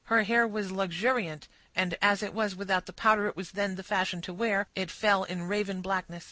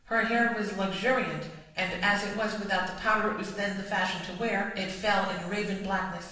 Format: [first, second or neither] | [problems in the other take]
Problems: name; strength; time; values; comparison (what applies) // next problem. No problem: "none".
first | room echo; dies away in 0.9 s